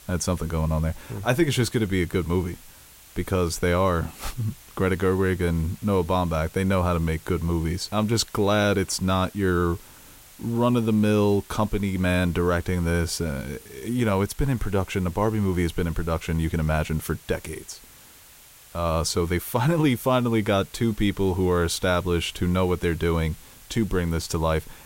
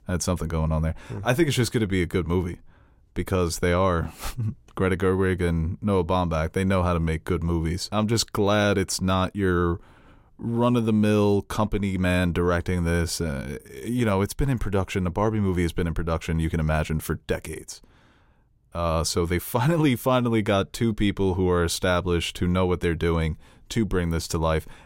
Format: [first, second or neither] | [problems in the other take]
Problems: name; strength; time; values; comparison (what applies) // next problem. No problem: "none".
second | hiss; faint; throughout; 20 dB below the speech